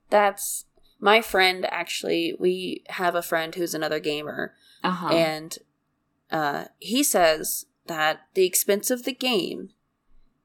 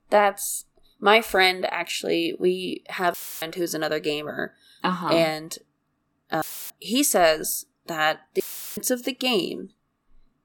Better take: first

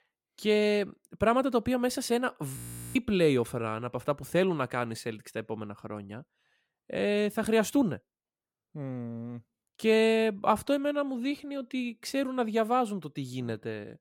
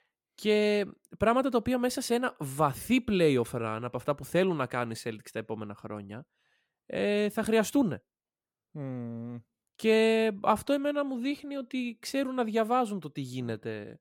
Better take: second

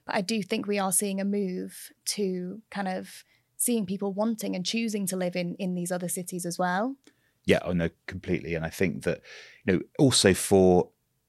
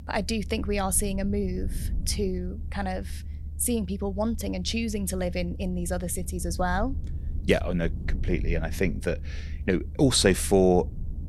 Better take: first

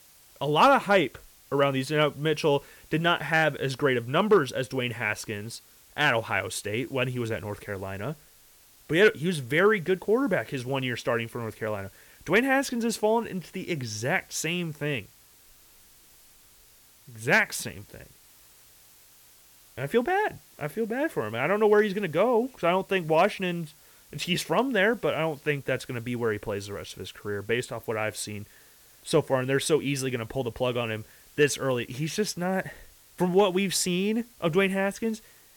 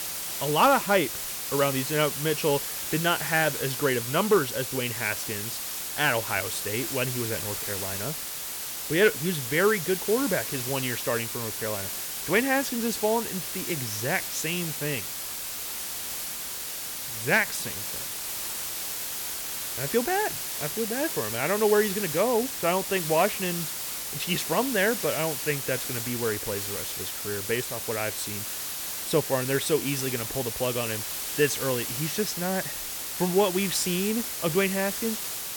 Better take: first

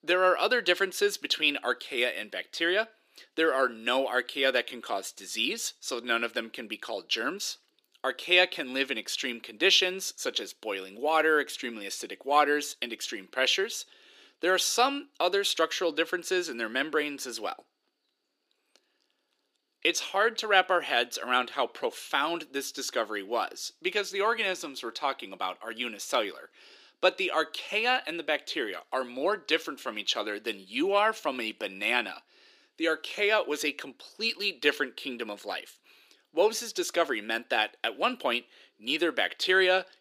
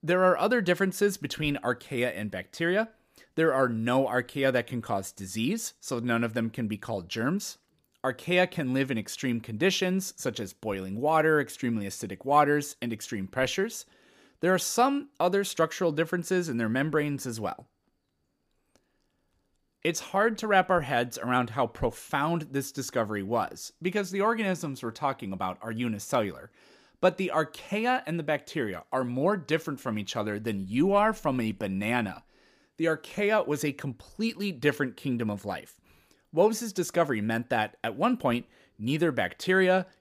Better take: second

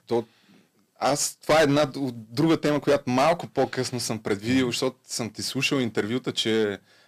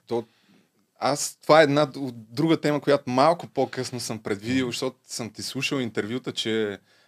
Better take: second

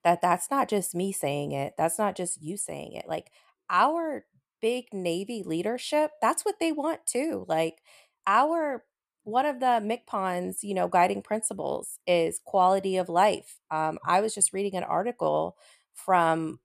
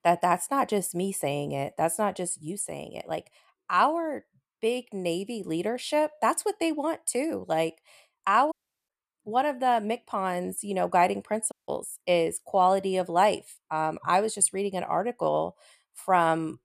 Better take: first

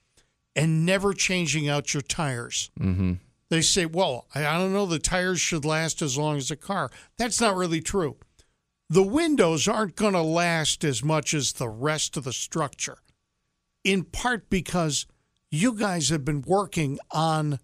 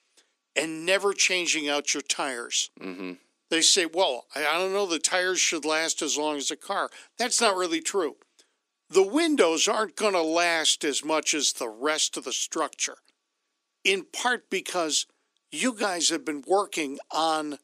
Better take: first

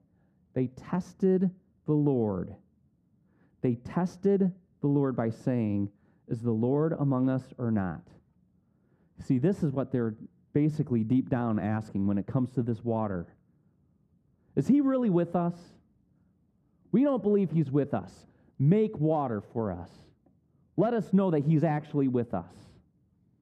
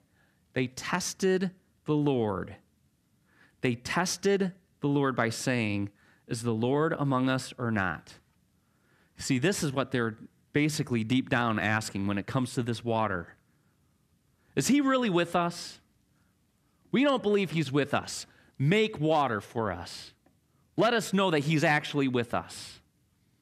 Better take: second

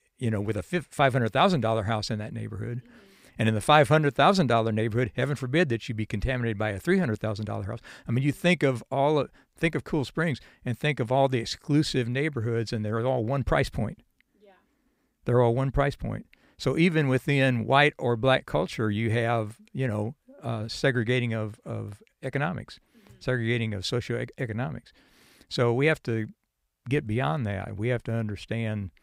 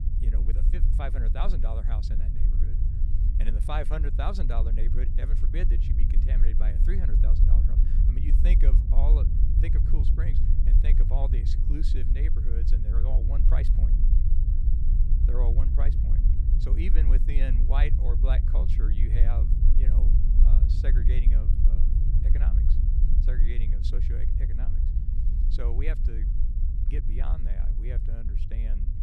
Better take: first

